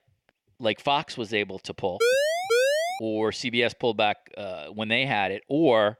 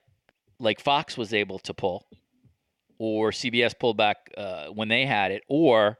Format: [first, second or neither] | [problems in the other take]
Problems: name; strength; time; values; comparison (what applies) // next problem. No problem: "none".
second | siren; loud; at 2 s; peak 4 dB above the speech